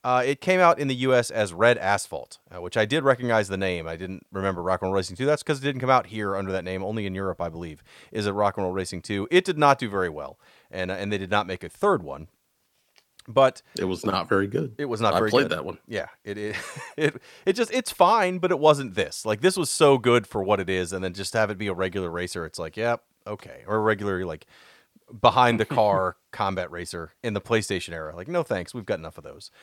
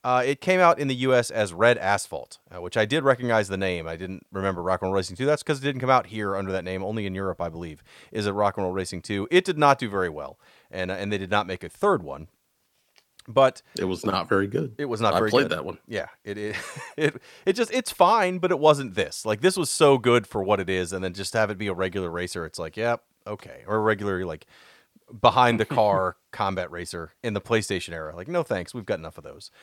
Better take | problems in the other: neither | none

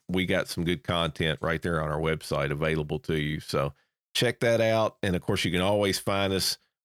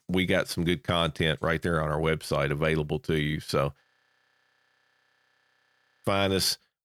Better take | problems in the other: first | audio freezing; at 4 s for 2 s

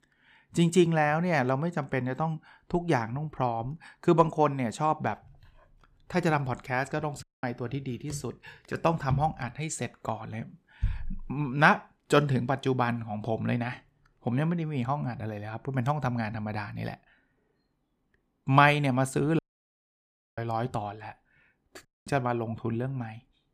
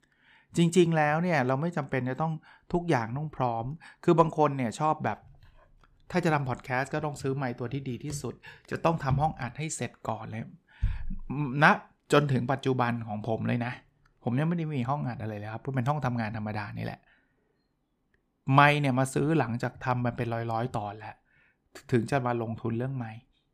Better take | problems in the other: second | audio cutting out; at 7 s, at 19 s for 1 s and at 22 s

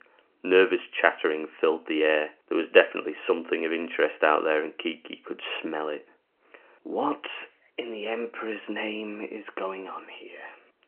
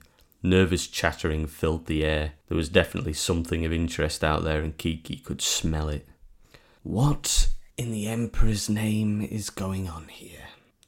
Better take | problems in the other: second | phone-call audio; nothing above 3 kHz

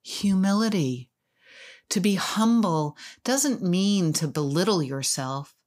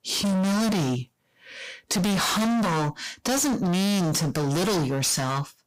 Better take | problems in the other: first | distortion; heavy; 38% of the sound clipped

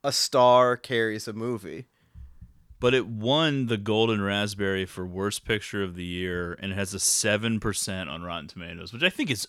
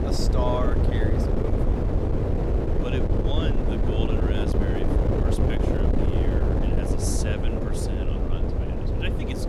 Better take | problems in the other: first | wind noise on the microphone; heavy; 4 dB above the speech

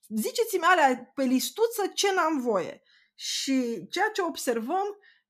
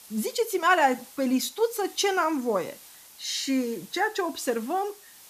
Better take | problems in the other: first | hiss; faint; throughout; 20 dB below the speech

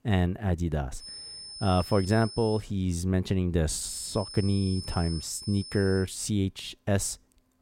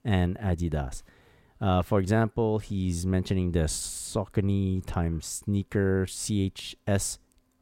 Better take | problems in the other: second | high-pitched whine; noticeable; from 1 to 2.5 s and from 4 to 6 s; 5 kHz, 10 dB below the speech

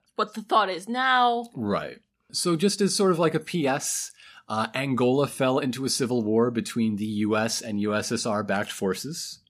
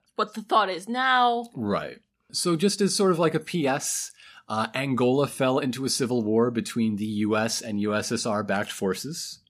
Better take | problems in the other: neither | none

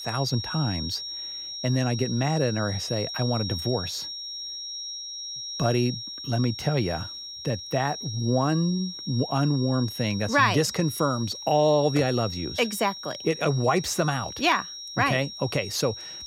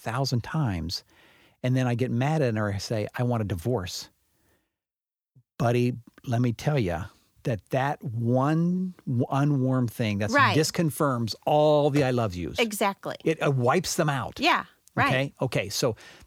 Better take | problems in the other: second | high-pitched whine; loud; throughout; 5.5 kHz, 8 dB below the speech

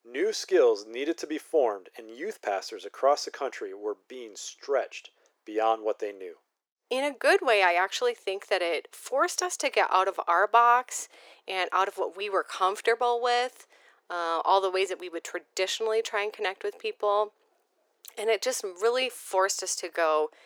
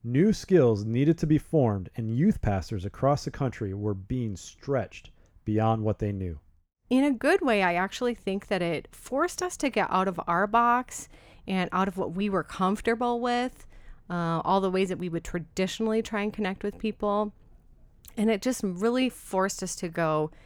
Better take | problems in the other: second | thin; very; fading below 400 Hz

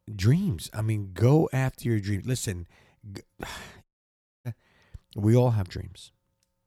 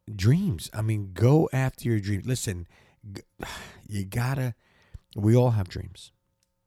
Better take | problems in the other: second | audio cutting out; at 4 s for 0.5 s

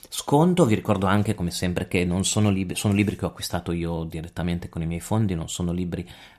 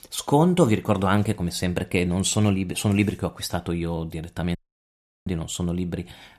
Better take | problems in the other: first | audio cutting out; at 4.5 s for 0.5 s

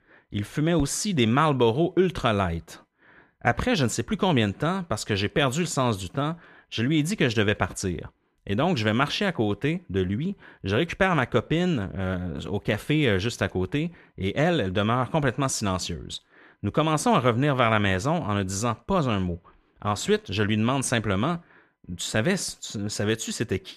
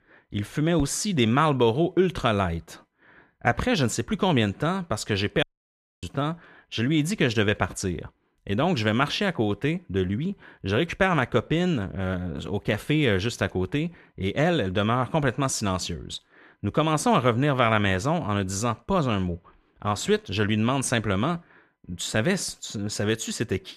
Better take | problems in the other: first | audio cutting out; at 5.5 s for 0.5 s

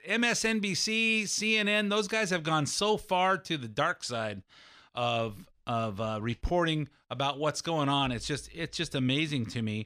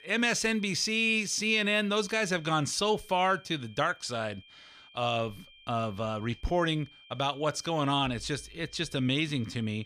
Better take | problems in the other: first | high-pitched whine; faint; throughout; 3 kHz, 25 dB below the speech

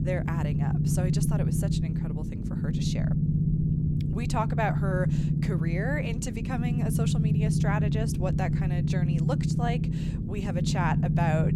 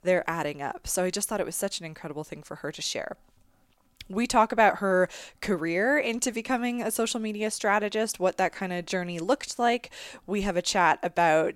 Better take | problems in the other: second | low rumble; loud; throughout; 2 dB below the speech

